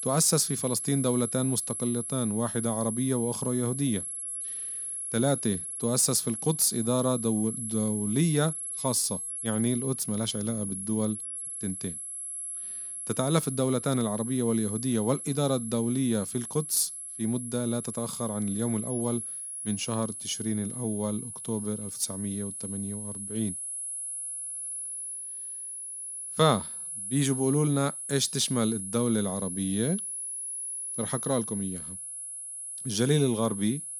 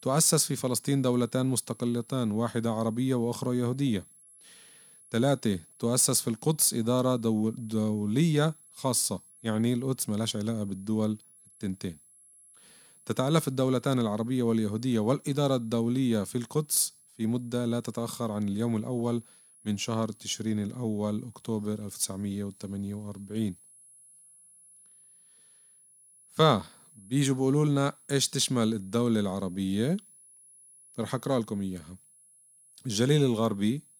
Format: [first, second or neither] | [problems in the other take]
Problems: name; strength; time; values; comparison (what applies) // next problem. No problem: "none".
second | high-pitched whine; loud; throughout; 11 kHz, 5 dB below the speech; faint in the second